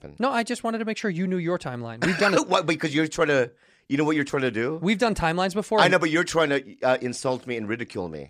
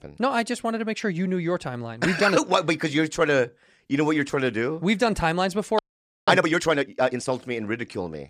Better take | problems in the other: first | audio freezing; at 6 s

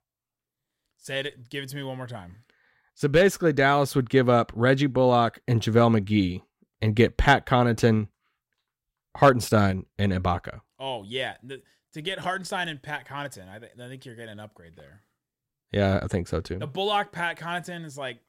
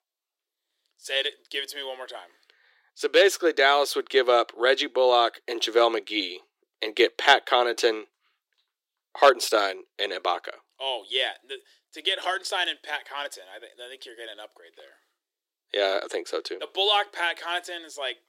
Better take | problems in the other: first | thin; very; fading below 350 Hz

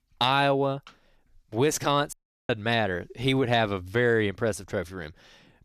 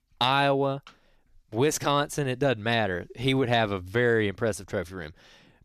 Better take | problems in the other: second | audio cutting out; at 2 s

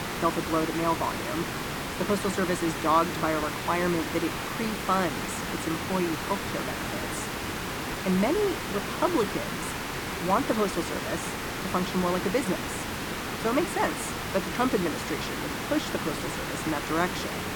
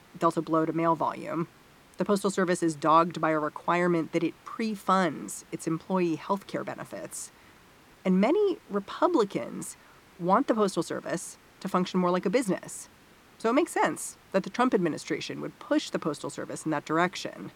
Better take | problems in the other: second | hiss; loud; throughout; 2 dB below the speech; faint in the second

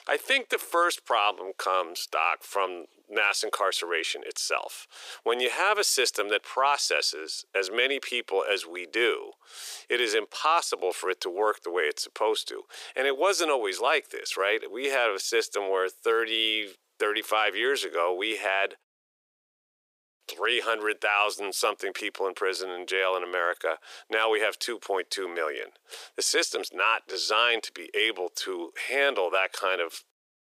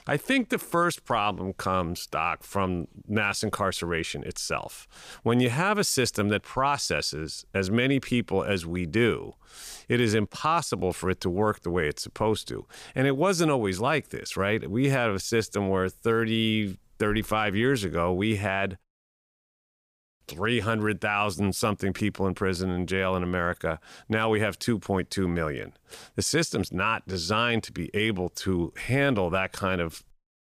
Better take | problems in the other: second | thin; very; fading below 400 Hz

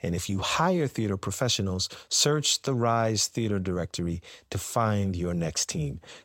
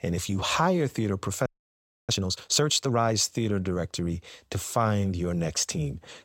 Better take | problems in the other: first | audio freezing; at 1.5 s for 0.5 s

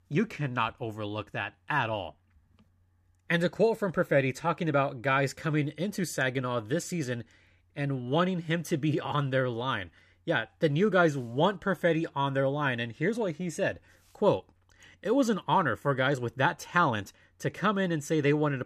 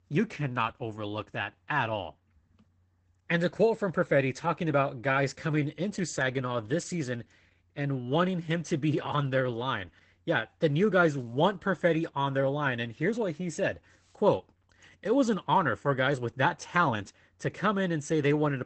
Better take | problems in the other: first | garbled, watery; badly; nothing above 8 kHz

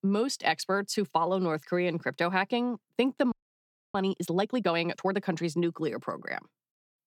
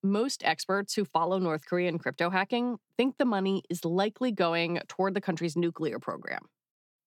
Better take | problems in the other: second | audio freezing; at 3.5 s for 0.5 s

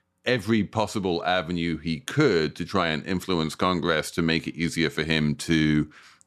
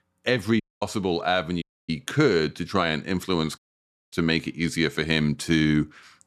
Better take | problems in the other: first | audio cutting out; at 0.5 s, at 1.5 s and at 3.5 s for 0.5 s

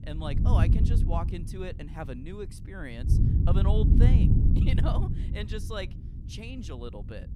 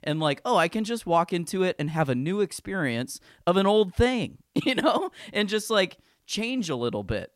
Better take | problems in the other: second | wind noise on the microphone; heavy; as loud as the speech

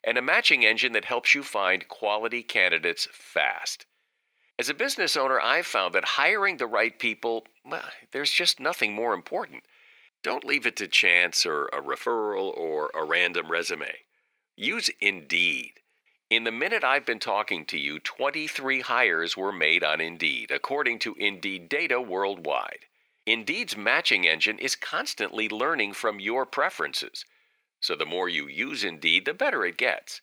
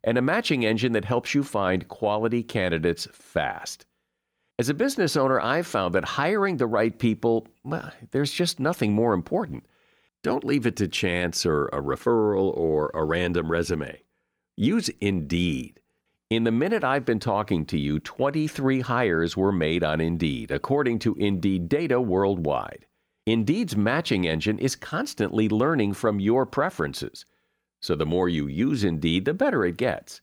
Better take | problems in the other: second | thin; very; fading below 550 Hz

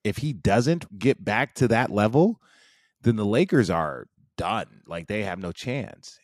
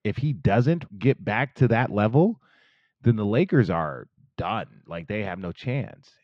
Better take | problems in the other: first | muffled; slightly; fading above 3.5 kHz

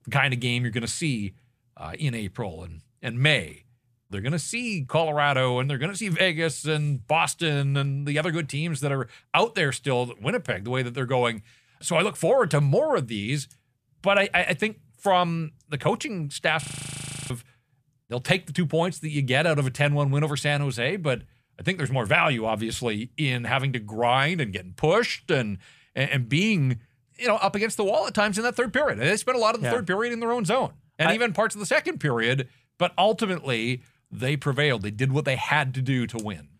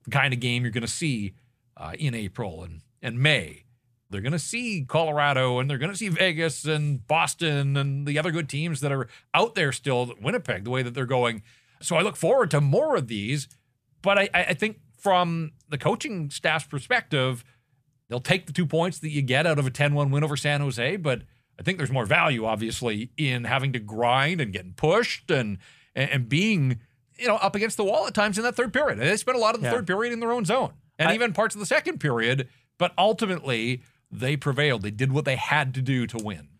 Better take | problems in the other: second | audio freezing; at 17 s for 0.5 s

